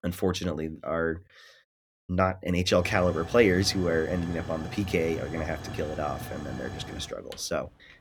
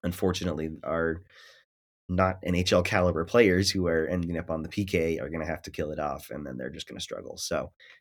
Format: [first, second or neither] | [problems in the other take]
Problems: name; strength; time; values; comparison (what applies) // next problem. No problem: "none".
second | hiss; noticeable; from 3 s on; 10 dB below the speech